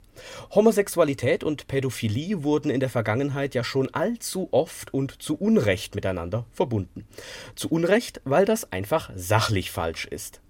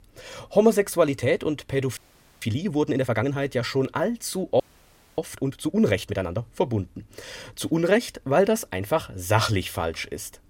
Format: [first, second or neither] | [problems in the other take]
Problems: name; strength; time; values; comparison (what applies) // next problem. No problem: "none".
first | audio freezing; at 2 s and at 4.5 s for 0.5 s